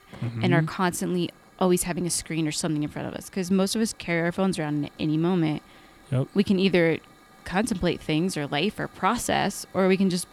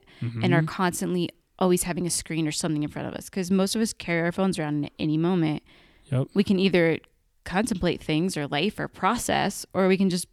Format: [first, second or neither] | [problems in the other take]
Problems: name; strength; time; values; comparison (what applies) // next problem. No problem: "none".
second | hiss; faint; throughout; 25 dB below the speech